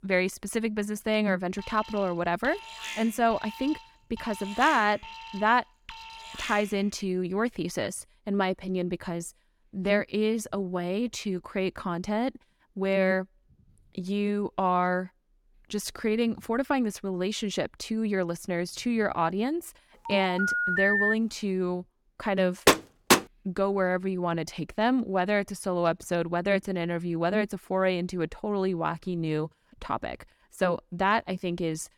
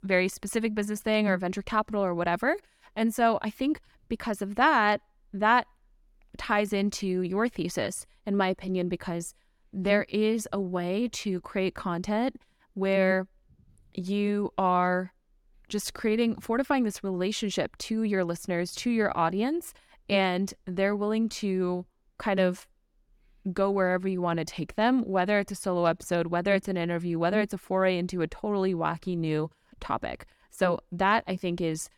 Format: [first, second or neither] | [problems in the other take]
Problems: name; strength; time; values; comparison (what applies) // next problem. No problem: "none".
second | alarm; noticeable; from 1.5 to 7 s; peak 8 dB below the speech // phone ringing; loud; from 20 to 21 s; peak 5 dB above the speech // door banging; loud; at 23 s; peak 6 dB above the speech